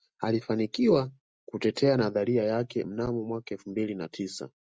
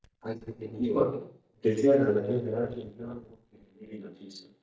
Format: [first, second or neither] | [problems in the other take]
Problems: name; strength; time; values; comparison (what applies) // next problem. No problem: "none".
first | noise reduction (neural mask model DeepFilterNet 3)